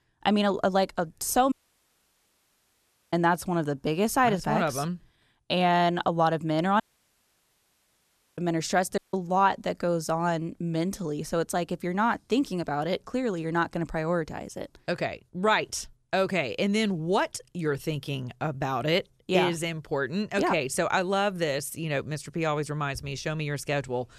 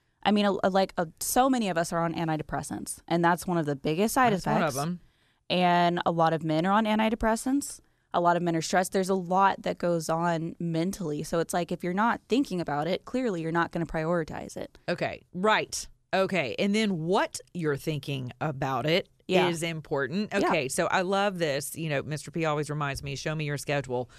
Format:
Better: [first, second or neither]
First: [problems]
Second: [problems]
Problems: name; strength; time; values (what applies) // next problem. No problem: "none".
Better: second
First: audio cutting out; at 1.5 s for 1.5 s, at 7 s for 1.5 s and at 9 s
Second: none